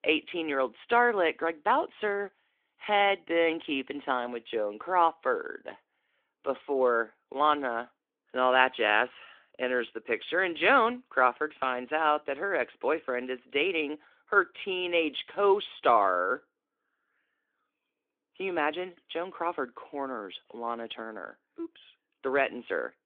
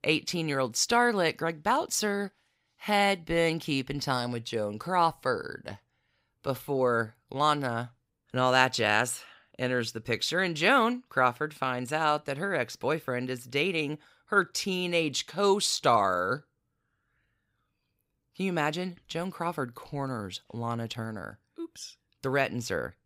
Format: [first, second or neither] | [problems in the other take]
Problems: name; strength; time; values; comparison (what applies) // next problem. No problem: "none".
second | phone-call audio; nothing above 3.5 kHz